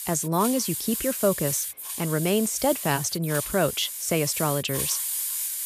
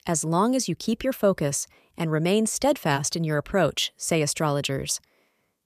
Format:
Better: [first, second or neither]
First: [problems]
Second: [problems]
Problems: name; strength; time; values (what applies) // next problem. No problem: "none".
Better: second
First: hiss; loud; throughout; 3 dB below the speech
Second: none